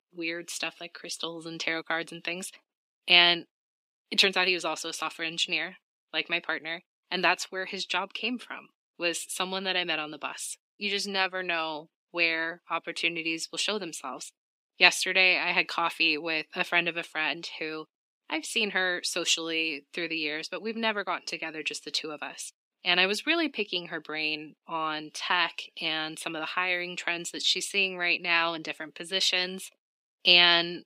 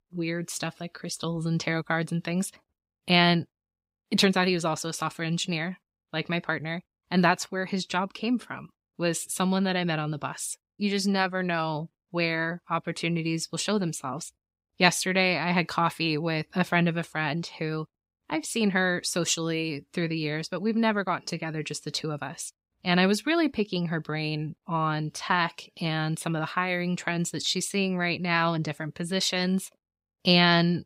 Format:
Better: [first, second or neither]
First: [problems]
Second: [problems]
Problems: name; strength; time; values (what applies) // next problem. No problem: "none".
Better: second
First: thin; somewhat; fading below 250 Hz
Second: none